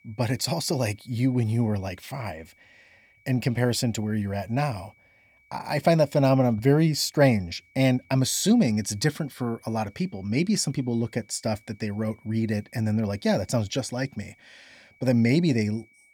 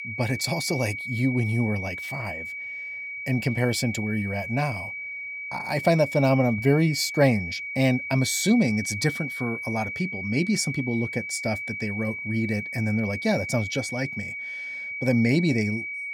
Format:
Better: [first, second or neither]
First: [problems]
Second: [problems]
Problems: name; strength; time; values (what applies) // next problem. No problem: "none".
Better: first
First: high-pitched whine; faint; throughout; 2.5 kHz, 35 dB below the speech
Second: high-pitched whine; loud; throughout; 2.5 kHz, 6 dB below the speech